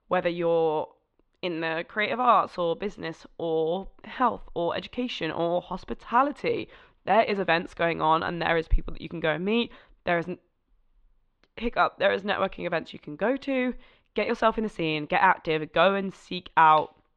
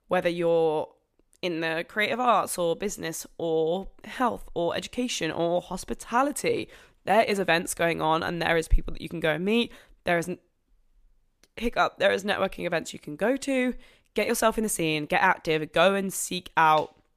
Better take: second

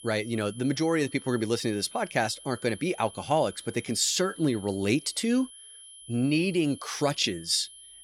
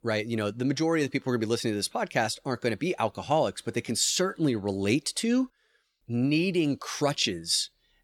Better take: second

